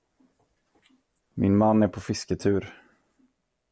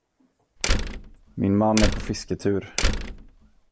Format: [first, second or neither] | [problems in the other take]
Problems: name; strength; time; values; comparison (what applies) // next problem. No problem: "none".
first | background sound (Slam); as loud as the speech